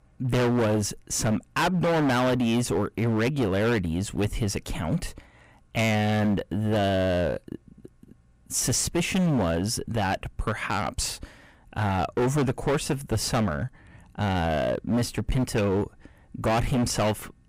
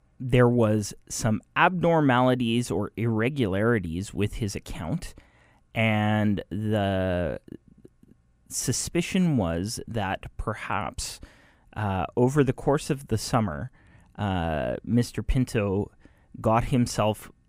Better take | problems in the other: second | distortion; heavy; 17% of the sound clipped

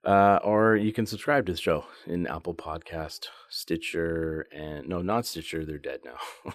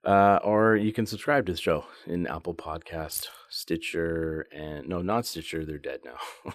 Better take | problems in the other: first | jangling keys; noticeable; at 3 s; peak 7 dB below the speech

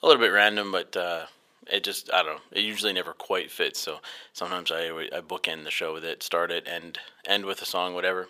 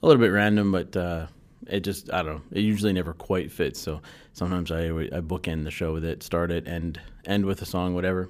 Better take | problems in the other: second | thin; very; fading below 700 Hz

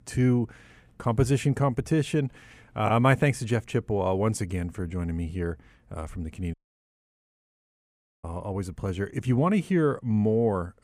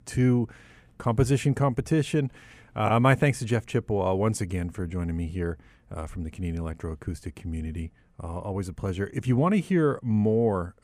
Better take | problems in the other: second | audio cutting out; at 6.5 s for 1.5 s

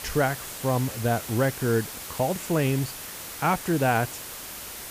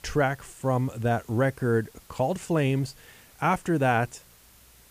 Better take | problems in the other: second | hiss; loud; throughout; 9 dB below the speech; faint in the second

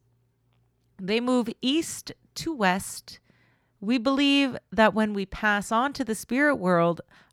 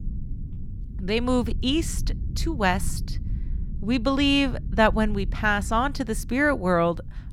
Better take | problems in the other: first | low rumble; faint; throughout; 25 dB below the speech

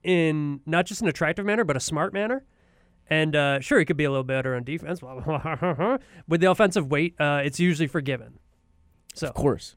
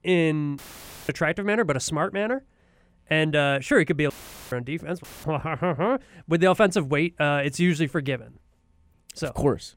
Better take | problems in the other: first | audio cutting out; filled with static; at 0.5 s for 0.5 s, at 4 s and at 5 s

